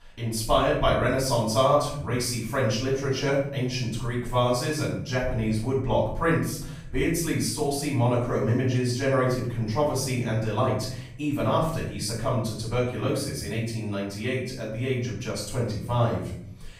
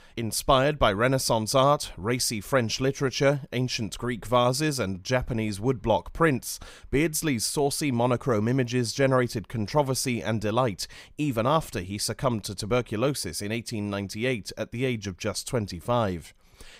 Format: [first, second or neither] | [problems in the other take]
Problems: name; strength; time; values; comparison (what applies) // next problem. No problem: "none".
second | off-mic speech; far // room echo; noticeable; dies away in 0.7 s